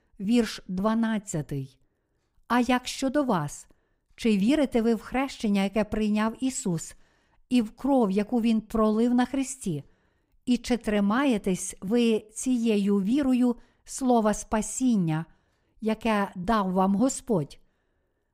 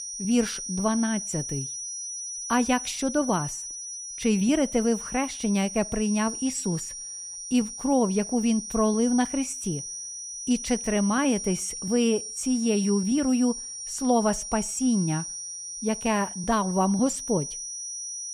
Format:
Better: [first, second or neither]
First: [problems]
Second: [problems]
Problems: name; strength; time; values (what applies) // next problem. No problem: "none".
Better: first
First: none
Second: high-pitched whine; loud; throughout; 6 kHz, 7 dB below the speech